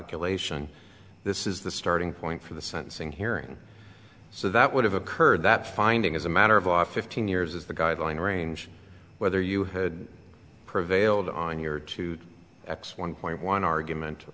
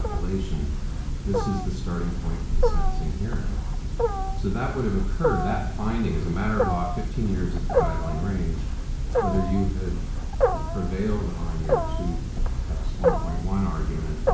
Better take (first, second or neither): first